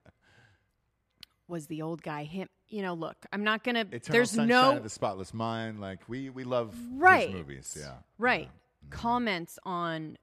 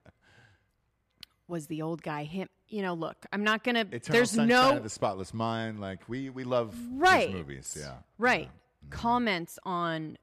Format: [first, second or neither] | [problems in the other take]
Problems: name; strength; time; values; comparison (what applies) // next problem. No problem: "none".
first | distortion; slight; 1.2% of the sound clipped